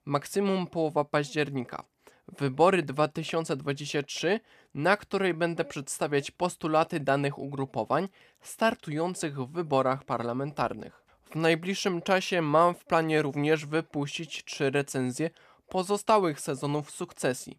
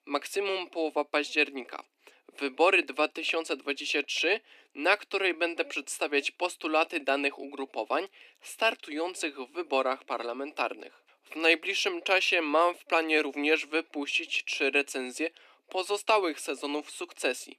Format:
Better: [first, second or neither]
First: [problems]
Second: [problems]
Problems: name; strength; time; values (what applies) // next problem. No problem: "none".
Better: first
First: none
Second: thin; very slightly; fading below 300 Hz